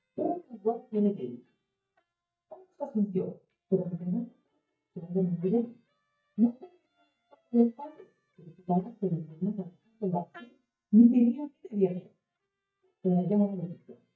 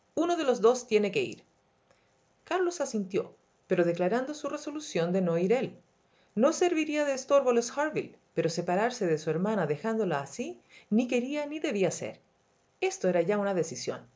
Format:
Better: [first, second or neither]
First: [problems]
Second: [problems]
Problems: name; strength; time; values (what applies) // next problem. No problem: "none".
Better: second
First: noise reduction (neural mask model DeepFilterNet 3)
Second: none